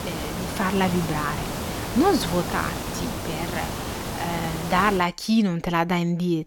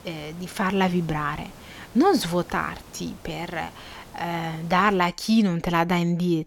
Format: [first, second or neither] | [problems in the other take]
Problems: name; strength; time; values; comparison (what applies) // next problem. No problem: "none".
second | hiss; loud; until 5 s; 5 dB below the speech; faint in the second